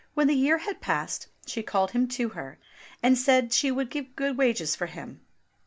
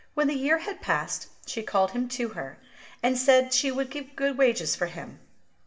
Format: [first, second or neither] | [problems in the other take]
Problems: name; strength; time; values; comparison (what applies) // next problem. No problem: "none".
first | room echo; dies away in 0.7 s